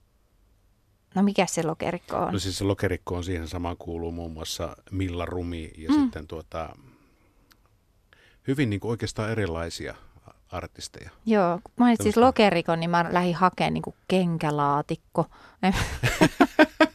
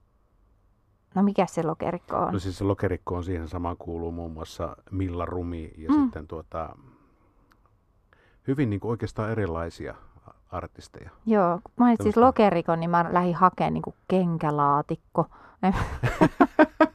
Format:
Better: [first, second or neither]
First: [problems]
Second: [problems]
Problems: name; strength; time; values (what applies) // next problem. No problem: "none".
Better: first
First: none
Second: muffled; slightly; fading above 2 kHz